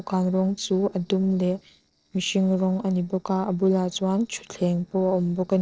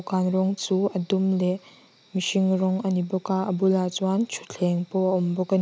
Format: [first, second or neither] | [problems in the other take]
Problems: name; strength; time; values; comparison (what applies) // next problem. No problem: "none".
second | noise reduction (neural separator model SepFormer DNS4)